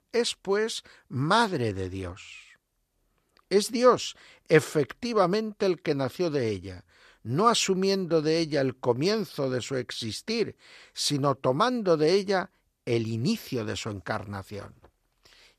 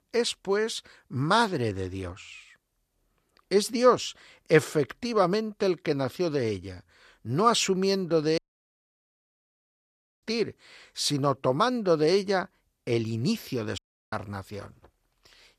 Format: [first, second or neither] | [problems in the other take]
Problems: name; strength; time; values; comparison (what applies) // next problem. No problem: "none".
first | audio cutting out; at 8.5 s for 2 s and at 14 s